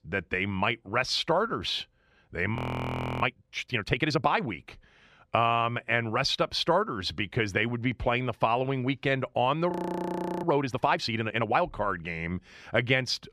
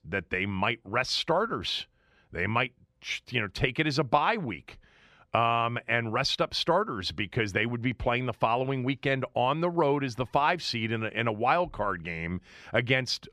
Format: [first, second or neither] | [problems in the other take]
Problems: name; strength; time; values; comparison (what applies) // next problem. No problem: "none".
second | audio freezing; at 2.5 s for 0.5 s and at 9.5 s for 0.5 s